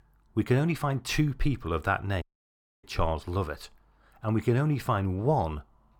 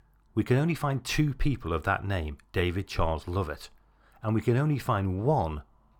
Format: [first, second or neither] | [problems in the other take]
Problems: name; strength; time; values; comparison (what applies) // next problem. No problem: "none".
second | audio cutting out; at 2 s for 0.5 s